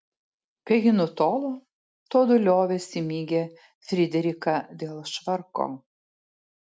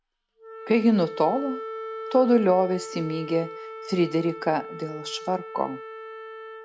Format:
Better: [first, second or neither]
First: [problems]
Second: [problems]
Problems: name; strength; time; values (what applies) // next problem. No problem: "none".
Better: first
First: none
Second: background sound (Wind instrument, woodwind instrument); 12 dB below the speech